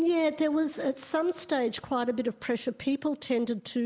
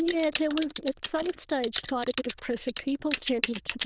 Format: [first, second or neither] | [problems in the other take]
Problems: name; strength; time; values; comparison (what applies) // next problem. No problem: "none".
first | noise reduction (neural diffusion model UNIVERSE++)